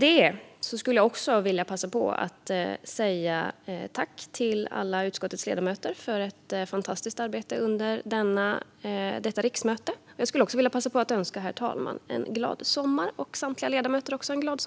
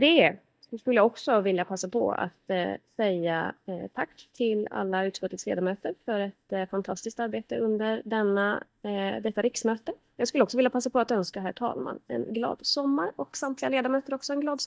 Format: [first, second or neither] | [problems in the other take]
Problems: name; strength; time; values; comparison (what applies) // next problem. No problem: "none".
first | noise reduction (neural mask model DeepFilterNet 3)